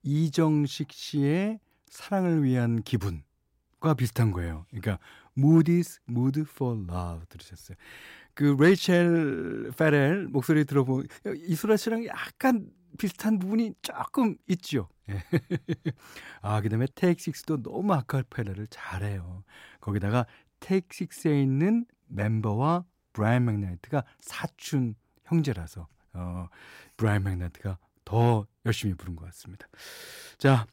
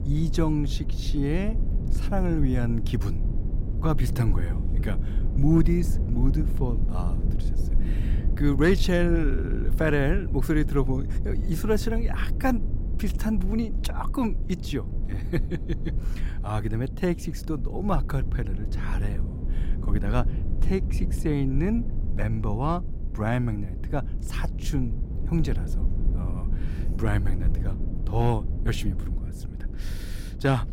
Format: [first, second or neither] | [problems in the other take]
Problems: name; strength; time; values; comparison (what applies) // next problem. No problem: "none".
first | low rumble; noticeable; throughout; 10 dB below the speech